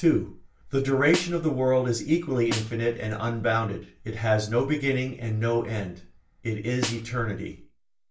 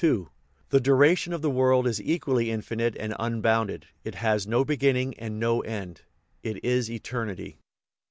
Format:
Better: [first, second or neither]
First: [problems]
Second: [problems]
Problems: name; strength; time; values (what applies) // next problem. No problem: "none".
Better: second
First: background sound (Snare drum); 12 dB below the speech // room echo; dies away in 0.3 s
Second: none